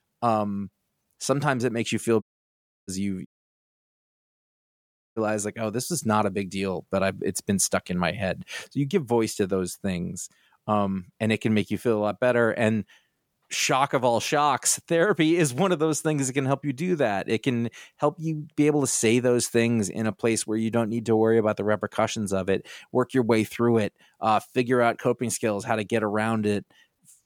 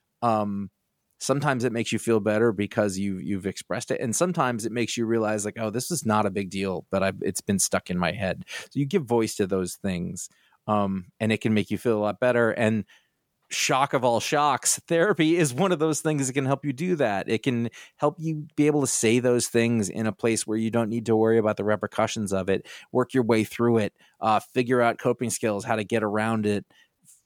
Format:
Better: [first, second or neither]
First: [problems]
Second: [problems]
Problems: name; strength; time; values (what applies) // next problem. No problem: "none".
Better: second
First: audio cutting out; at 2 s for 0.5 s and at 3.5 s for 2 s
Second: none